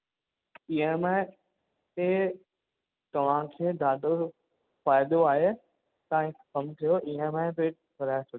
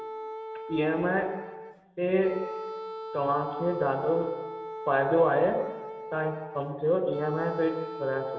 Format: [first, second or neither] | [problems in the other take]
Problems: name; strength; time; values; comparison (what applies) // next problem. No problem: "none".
first | background sound (Wind instrument, woodwind instrument); 10 dB below the speech // room echo; dies away in 1.4 s